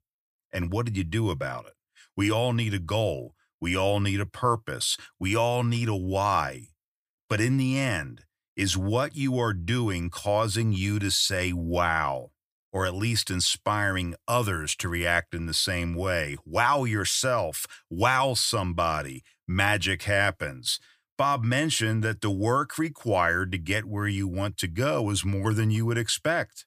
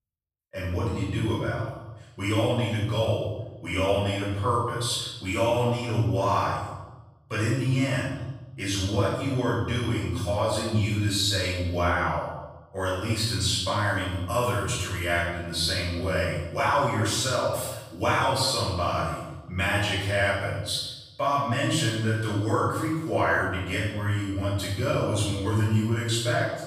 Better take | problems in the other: first | off-mic speech; far // room echo; strong; dies away in 1 s

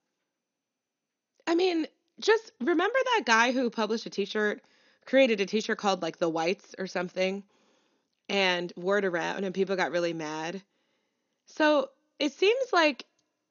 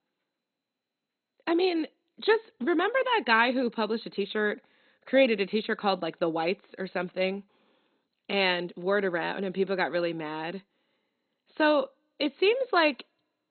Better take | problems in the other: first | garbled, watery; badly; nothing above 4 kHz; slightly in the first

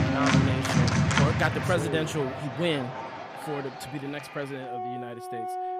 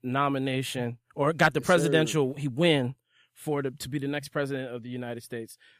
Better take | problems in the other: second | background music; very loud; throughout; 3 dB above the speech

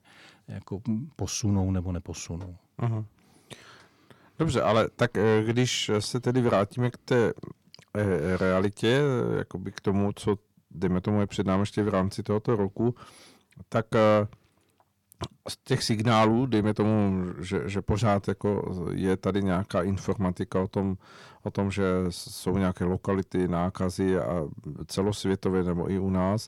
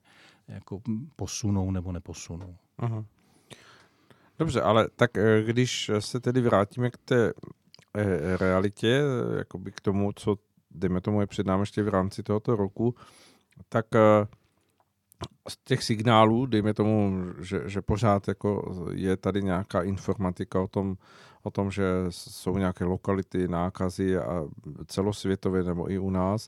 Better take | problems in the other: second | distortion; slight; 10 dB below the speech

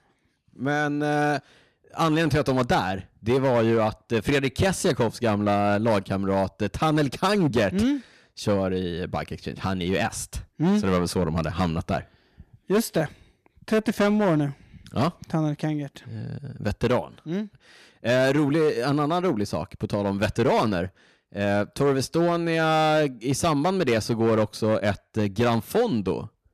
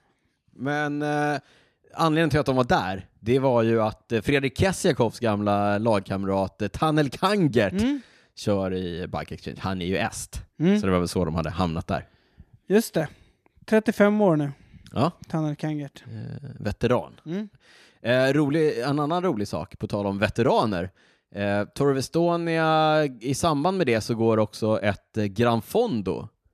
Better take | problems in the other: second | distortion; slight; 7% of the sound clipped

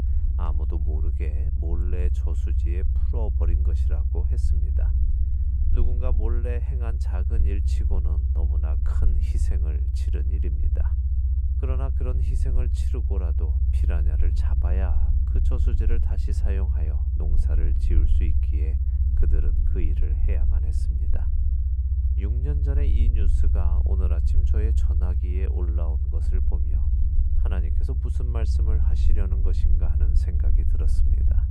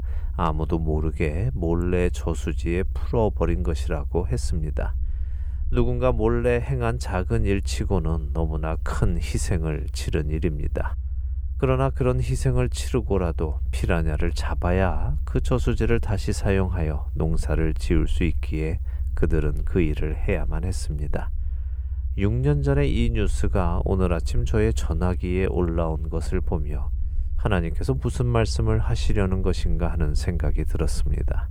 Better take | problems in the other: second | low rumble; loud; throughout; 1 dB below the speech; faint in the second

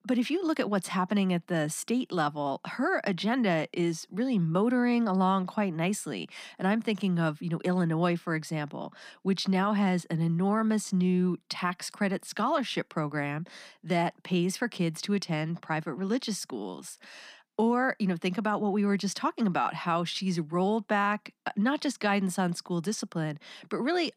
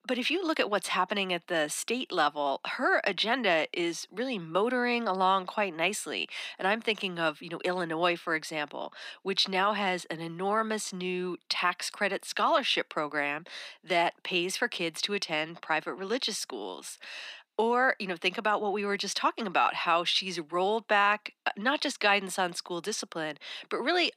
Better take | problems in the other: first | thin; somewhat; fading below 450 Hz

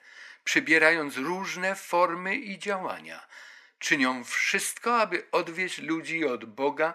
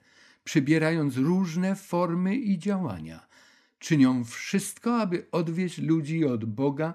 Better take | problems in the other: second | thin; very; fading below 600 Hz

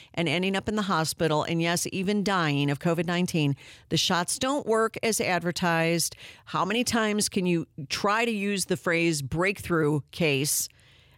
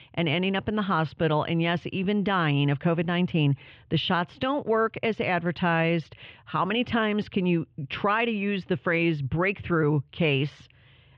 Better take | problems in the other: first | muffled; very; fading above 3 kHz

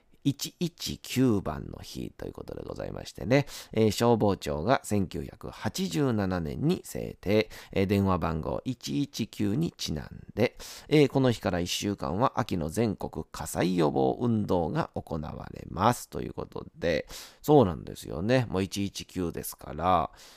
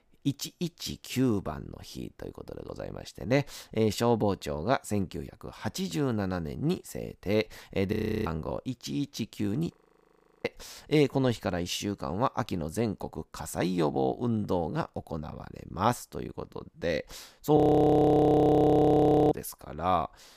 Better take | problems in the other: first | audio freezing; at 8 s, at 10 s for 0.5 s and at 18 s for 1.5 s

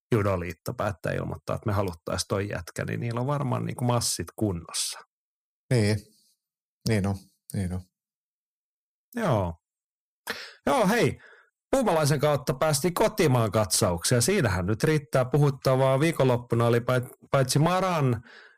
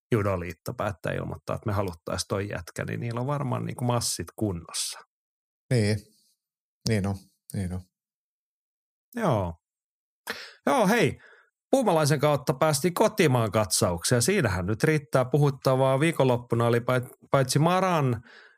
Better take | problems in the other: second | distortion; slight; 3% of the sound clipped

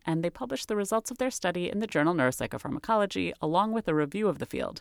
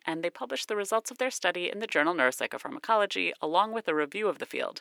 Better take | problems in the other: first | thin; somewhat; fading below 400 Hz

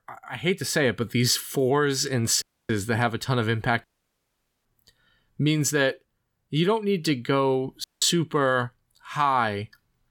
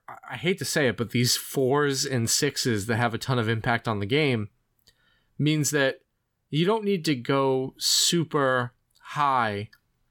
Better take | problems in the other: second | audio cutting out; at 2.5 s, at 4 s for 1 s and at 8 s

